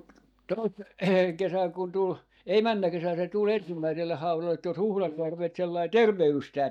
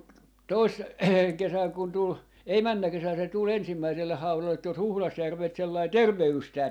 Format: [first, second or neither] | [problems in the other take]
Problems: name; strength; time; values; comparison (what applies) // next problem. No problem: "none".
second | noise reduction (neural mask model DeepFilterNet 3)